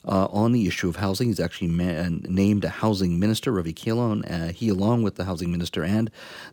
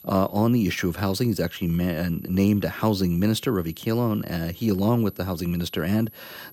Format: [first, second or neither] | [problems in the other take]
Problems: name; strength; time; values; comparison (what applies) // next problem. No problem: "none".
first | high-pitched whine; faint; throughout; 12 kHz, 20 dB below the speech